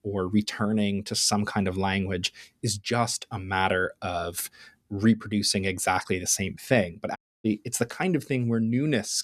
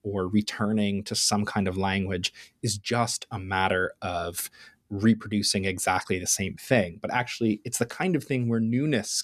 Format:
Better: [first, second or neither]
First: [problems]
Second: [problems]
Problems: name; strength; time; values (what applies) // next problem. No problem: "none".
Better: second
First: audio cutting out; at 7 s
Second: none